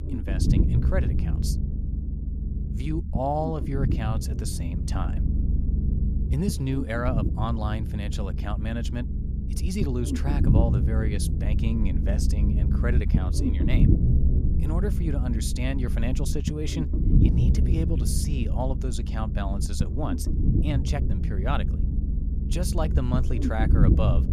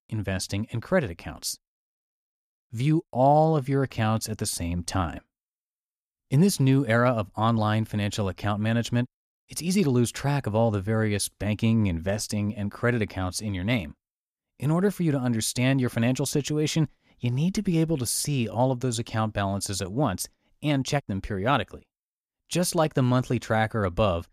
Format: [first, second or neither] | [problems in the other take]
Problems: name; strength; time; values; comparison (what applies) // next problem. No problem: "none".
second | low rumble; loud; throughout; 4 dB below the speech